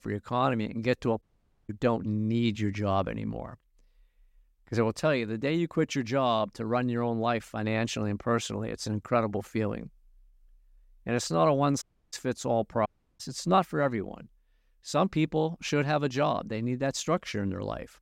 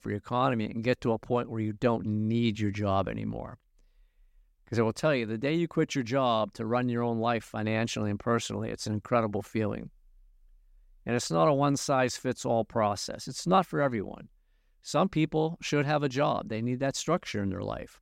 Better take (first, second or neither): second